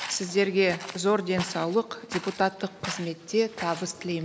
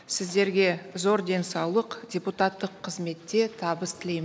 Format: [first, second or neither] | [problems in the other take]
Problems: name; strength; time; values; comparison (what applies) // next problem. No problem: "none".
second | background sound (Walk, footsteps); 13 dB below the speech